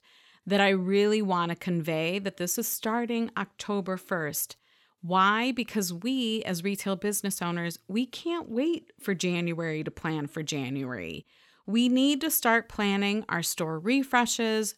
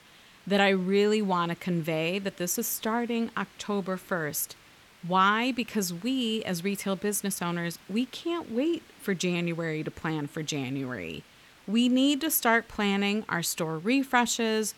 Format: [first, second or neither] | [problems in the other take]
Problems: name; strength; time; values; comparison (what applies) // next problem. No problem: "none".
first | hiss; faint; throughout; 25 dB below the speech